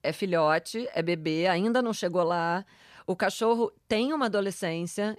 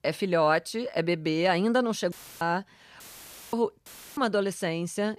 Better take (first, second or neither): first